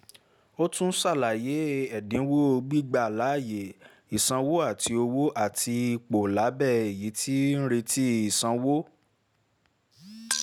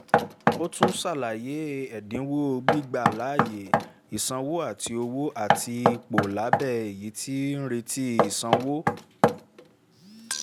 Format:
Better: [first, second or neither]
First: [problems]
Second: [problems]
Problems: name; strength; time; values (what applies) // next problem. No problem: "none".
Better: first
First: none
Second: background sound (Knock); 2 dB above the speech